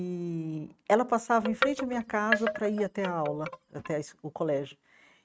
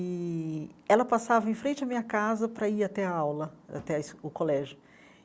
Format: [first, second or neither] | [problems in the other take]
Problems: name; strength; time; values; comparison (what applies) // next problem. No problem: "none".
second | noise reduction (neural mask model RNNoise)